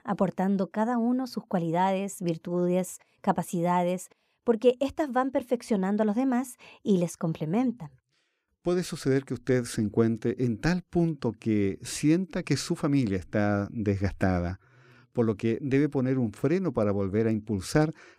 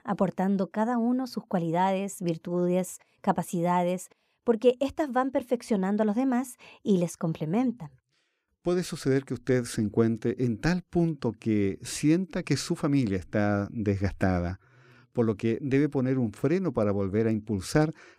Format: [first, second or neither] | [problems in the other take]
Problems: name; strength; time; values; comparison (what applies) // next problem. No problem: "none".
neither | none